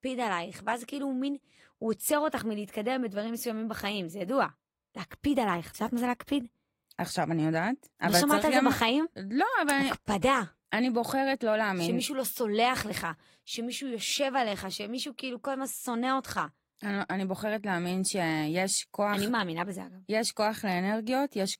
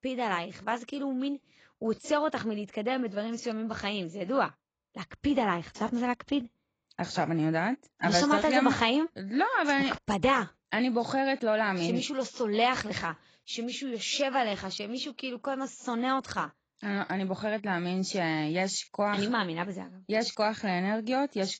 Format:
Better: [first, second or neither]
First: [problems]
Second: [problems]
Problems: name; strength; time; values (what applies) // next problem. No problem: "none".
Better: first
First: garbled, watery; slightly; nothing above 15.5 kHz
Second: garbled, watery; badly; nothing above 7.5 kHz